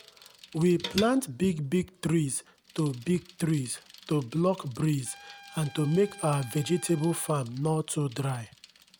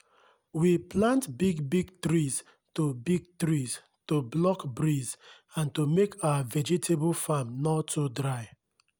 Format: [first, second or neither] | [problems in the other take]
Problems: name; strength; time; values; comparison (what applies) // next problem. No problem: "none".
second | background sound (Trumpet + Bicycle); 19 dB below the speech